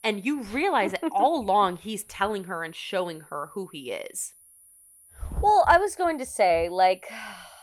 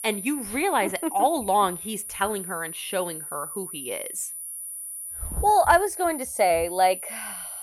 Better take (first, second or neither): first